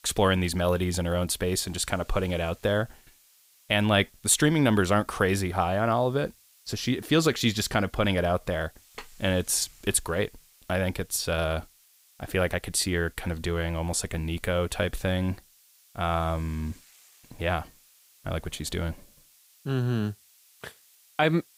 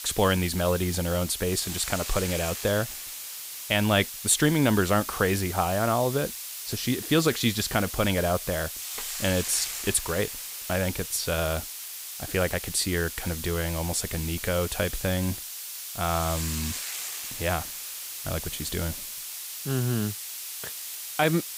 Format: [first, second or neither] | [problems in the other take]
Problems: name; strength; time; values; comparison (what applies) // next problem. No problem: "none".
first | hiss; loud; throughout; 7 dB below the speech; faint in the first